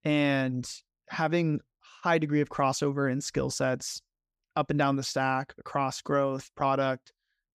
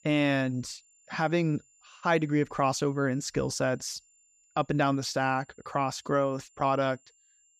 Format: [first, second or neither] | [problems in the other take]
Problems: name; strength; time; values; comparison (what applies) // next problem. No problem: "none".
first | high-pitched whine; faint; throughout; 7 kHz, 30 dB below the speech